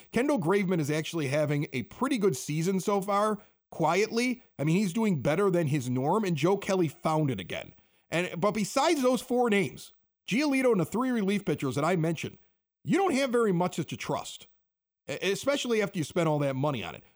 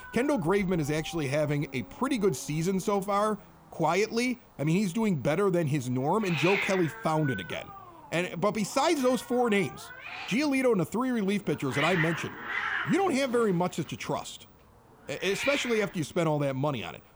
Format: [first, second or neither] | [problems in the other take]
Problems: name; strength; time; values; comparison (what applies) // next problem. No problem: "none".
first | hiss; loud; throughout; 7 dB below the speech